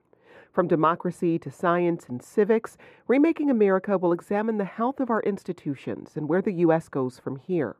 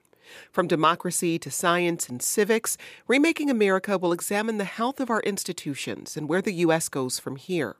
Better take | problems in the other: second | muffled; very; fading above 2.5 kHz

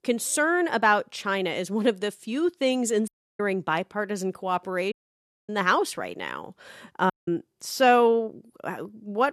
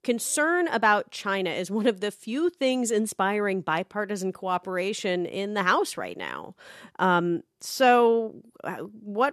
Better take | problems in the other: second | audio cutting out; at 3 s, at 5 s for 0.5 s and at 7 s

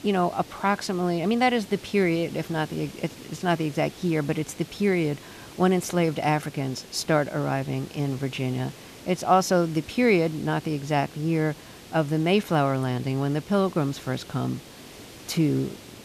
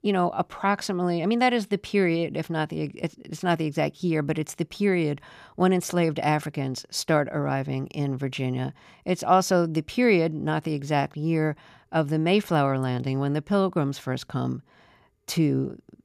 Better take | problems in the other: second | hiss; noticeable; throughout; 20 dB below the speech

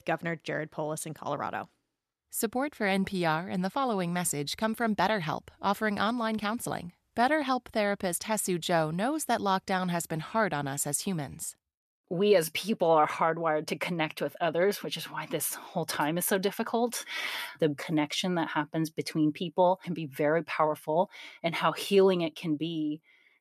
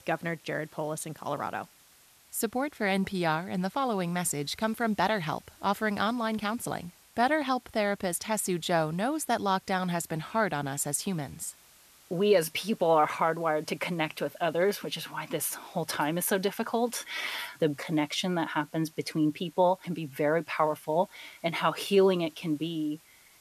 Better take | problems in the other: first | hiss; faint; throughout; 25 dB below the speech

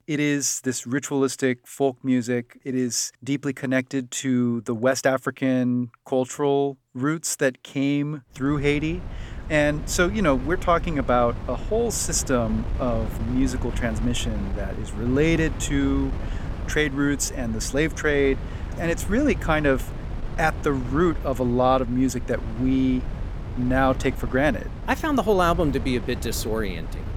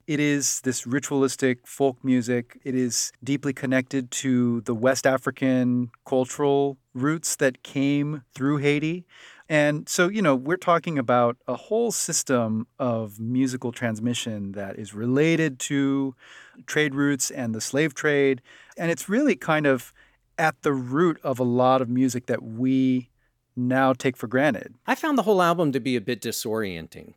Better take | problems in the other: second | wind noise on the microphone; occasional gusts; from 8.5 s on; 15 dB below the speech

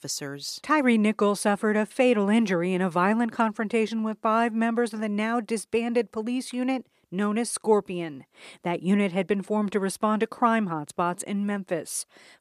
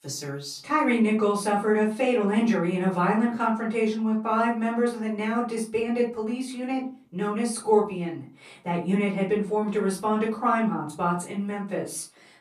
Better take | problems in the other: first | off-mic speech; far // room echo; slight; dies away in 0.3 s

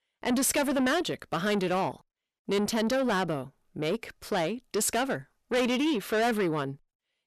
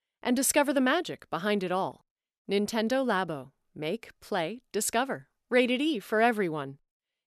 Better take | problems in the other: second | distortion; heavy; 8 dB below the speech

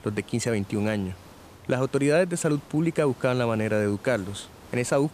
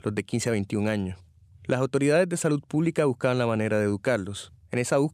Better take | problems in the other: second | hiss; faint; throughout; 20 dB below the speech

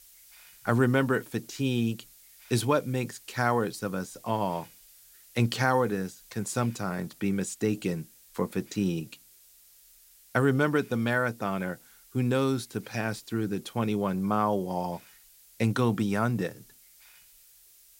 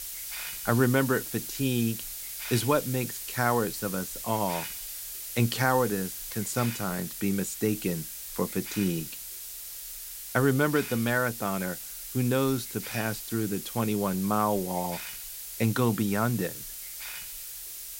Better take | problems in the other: first | hiss; loud; throughout; 7 dB below the speech; faint in the first

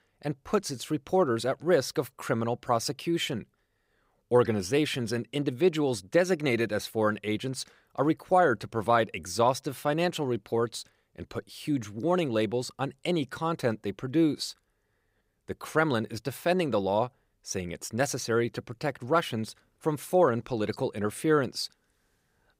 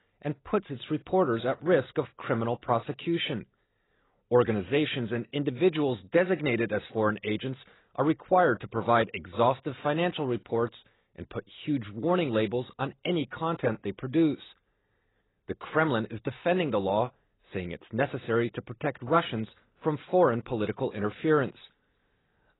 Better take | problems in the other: first | garbled, watery; badly; nothing above 4 kHz

